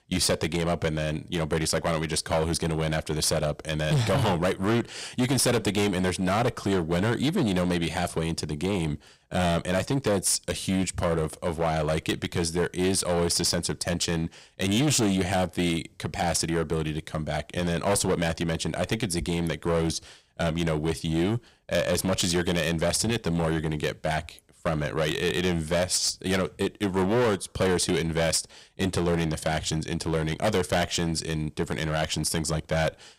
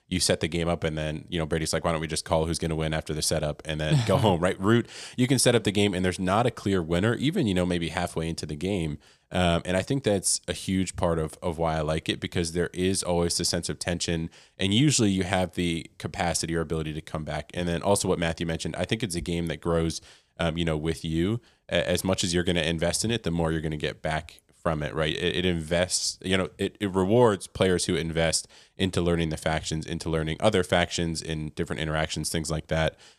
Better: second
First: distortion; heavy; 11% of the sound clipped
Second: none

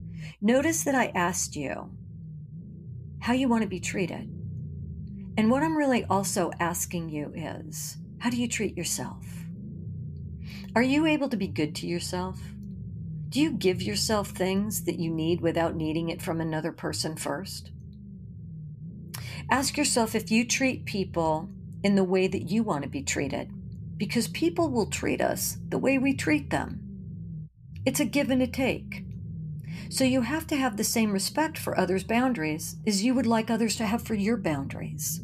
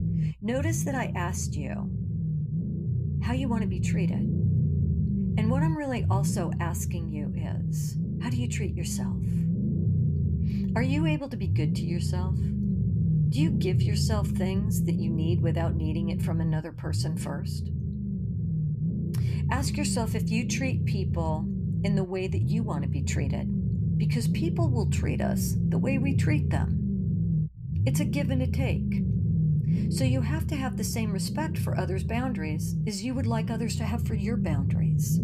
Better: first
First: low rumble; faint; throughout; 20 dB below the speech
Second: low rumble; loud; throughout; 3 dB below the speech

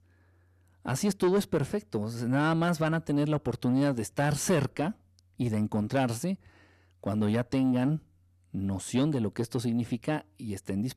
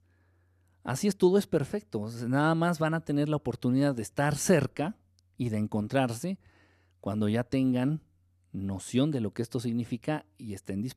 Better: second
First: distortion; slight; 10 dB below the speech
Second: none

